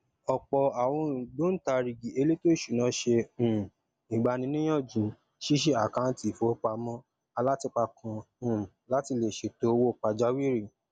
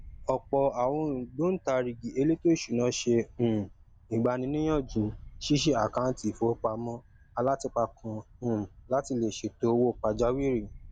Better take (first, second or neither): first